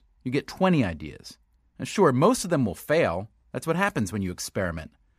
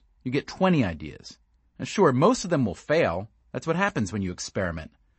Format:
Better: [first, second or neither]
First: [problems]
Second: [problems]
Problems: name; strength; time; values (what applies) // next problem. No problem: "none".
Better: first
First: none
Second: garbled, watery; slightly; nothing above 8 kHz